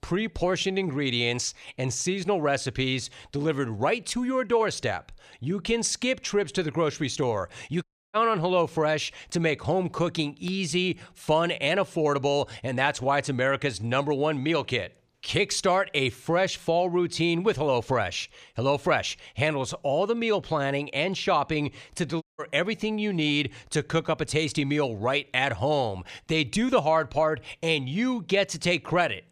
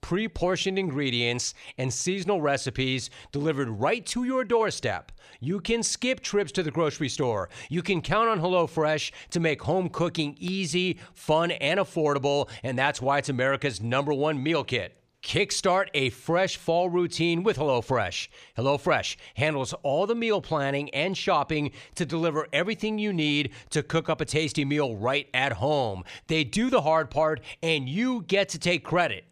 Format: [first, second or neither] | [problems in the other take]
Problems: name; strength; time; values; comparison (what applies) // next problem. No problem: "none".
second | audio cutting out; at 8 s and at 22 s